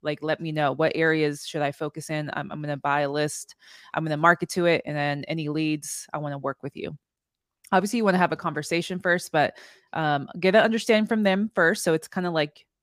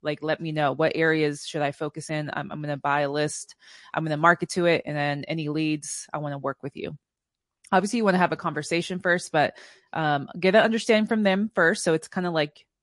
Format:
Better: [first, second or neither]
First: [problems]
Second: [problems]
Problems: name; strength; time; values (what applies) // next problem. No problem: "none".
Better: first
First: none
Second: garbled, watery; slightly; nothing above 11 kHz